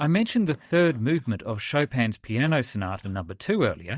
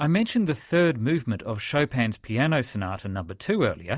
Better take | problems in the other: second | noise reduction (neural mask model DeepFilterNet 3)

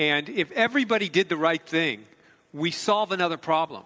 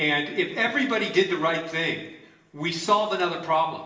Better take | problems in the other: first | room echo; dies away in 0.8 s

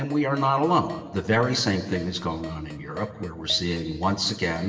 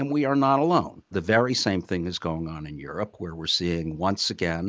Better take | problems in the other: second | background sound (Keyboard (musical)); 19 dB below the speech // room echo; dies away in 2.4 s

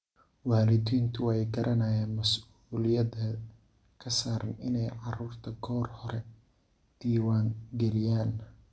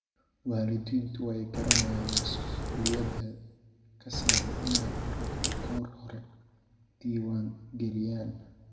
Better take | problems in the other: first | background sound (Crack); 5 dB above the speech // room echo; dies away in 1.3 s

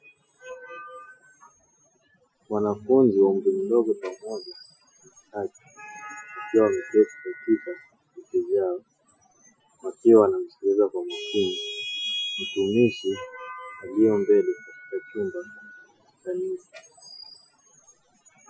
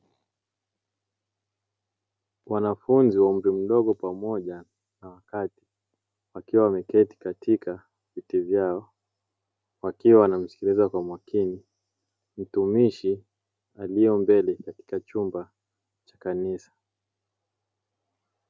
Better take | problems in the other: second | noise reduction (classical method Wiener filter)

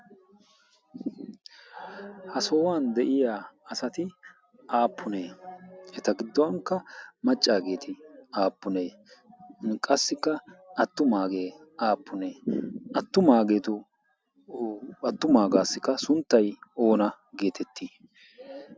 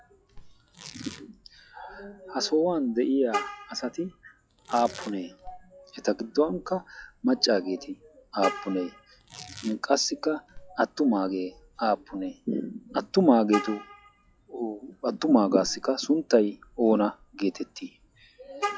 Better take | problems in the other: first | noise reduction (classical method log-MMSE)

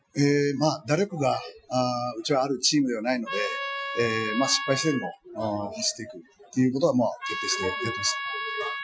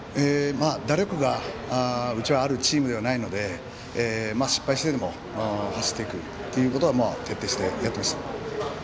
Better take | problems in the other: second | noise reduction (classical method Wiener filter)

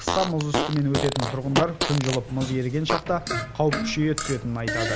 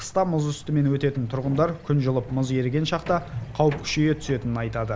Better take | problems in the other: second | background sound (Fart); 3 dB below the speech

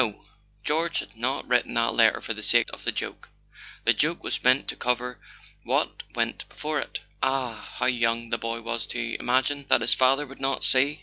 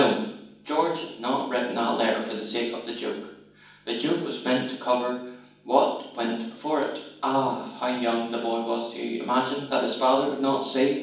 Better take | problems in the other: first | room echo; dies away in 1.2 s

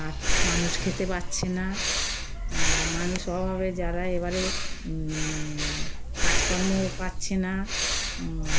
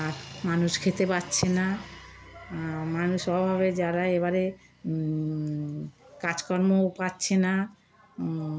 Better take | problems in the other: second | background sound (Breathing); 4 dB above the speech

